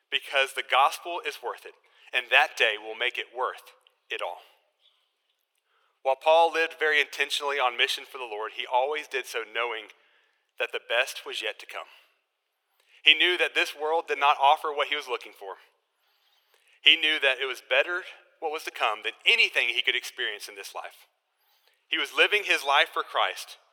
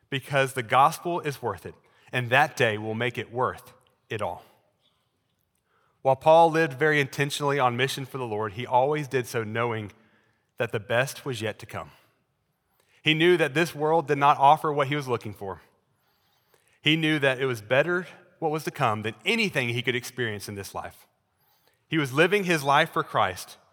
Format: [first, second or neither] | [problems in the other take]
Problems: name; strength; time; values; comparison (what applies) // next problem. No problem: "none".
second | thin; very; fading below 400 Hz